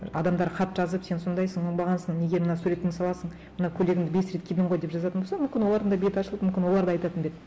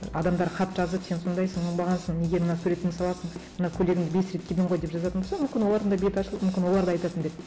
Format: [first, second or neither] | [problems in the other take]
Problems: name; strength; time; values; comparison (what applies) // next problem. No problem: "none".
first | background sound (Drum kit); 16 dB below the speech